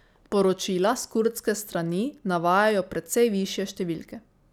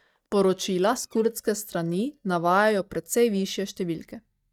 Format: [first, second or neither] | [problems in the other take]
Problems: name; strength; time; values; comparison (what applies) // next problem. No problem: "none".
first | noise reduction (neural mask model DeepFilterNet 3)